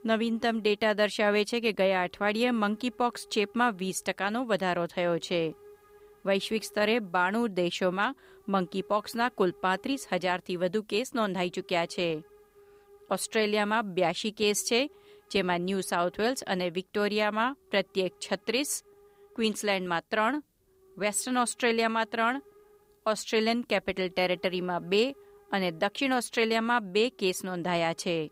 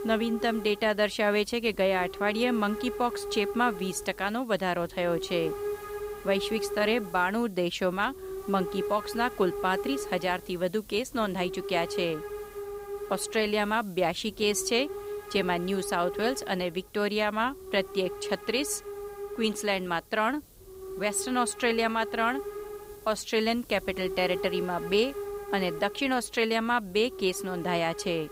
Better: first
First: hiss; faint; throughout; 30 dB below the speech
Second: hiss; loud; throughout; 9 dB below the speech

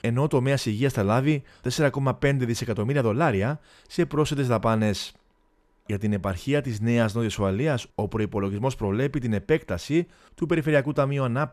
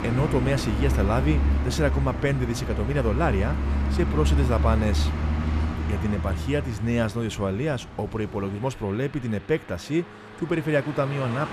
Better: first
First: none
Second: traffic noise; loud; throughout; 1 dB below the speech

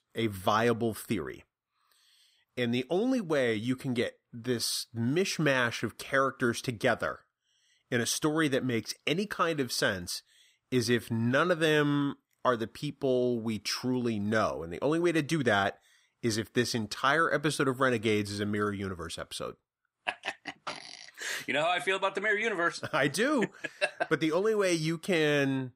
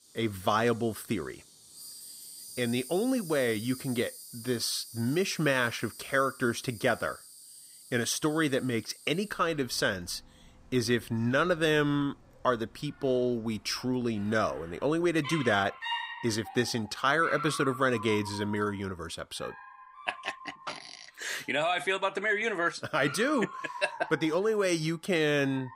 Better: first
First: none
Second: animal sounds; noticeable; throughout; 15 dB below the speech

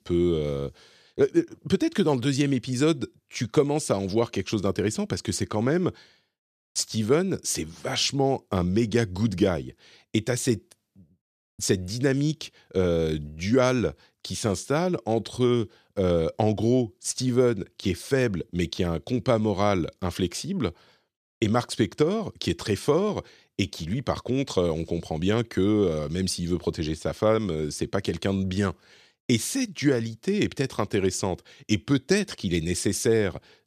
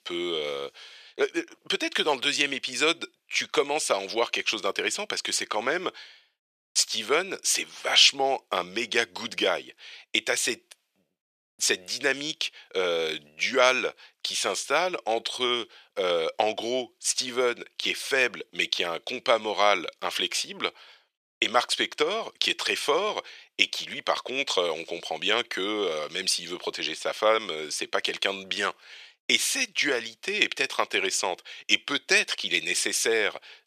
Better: first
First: none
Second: thin; very; fading below 700 Hz

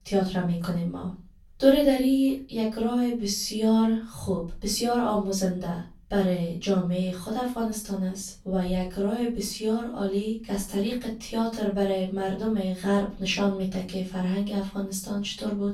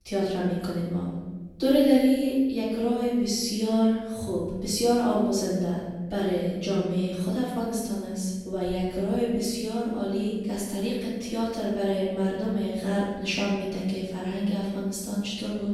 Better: first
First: room echo; slight; dies away in 0.3 s // off-mic speech; far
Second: room echo; strong; dies away in 1.3 s // off-mic speech; far

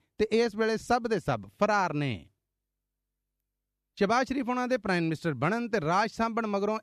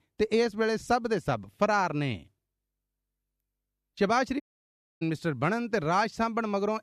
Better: first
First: none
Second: audio cutting out; at 4.5 s for 0.5 s

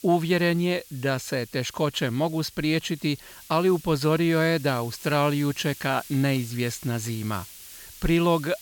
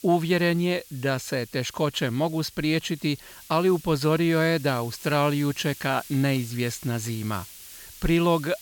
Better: neither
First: hiss; noticeable; throughout; 20 dB below the speech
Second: hiss; noticeable; throughout; 20 dB below the speech

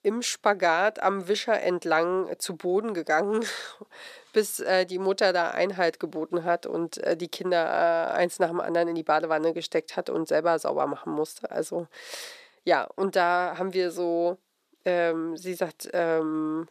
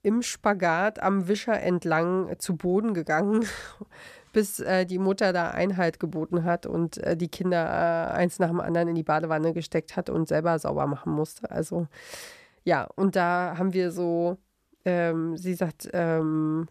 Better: second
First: thin; somewhat; fading below 400 Hz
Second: none

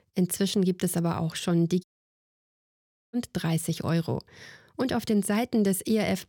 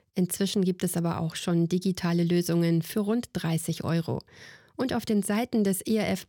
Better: second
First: audio cutting out; at 2 s for 1.5 s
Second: none

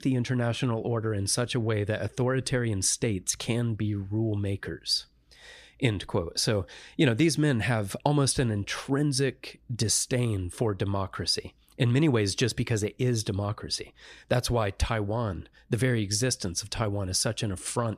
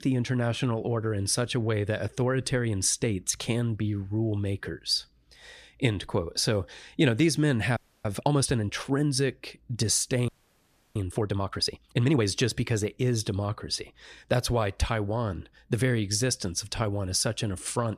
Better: first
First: none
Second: audio freezing; at 8 s and at 10 s for 0.5 s

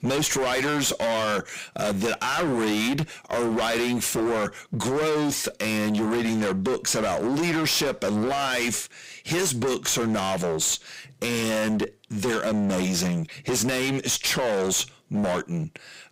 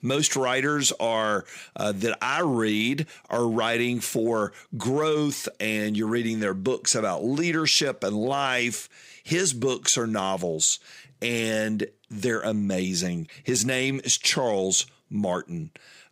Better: second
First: distortion; heavy; 31% of the sound clipped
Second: none

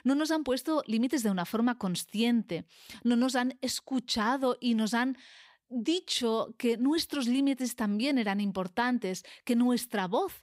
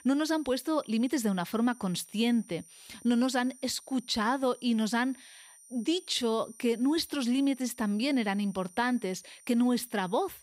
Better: first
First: none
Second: high-pitched whine; faint; throughout; 9 kHz, 25 dB below the speech

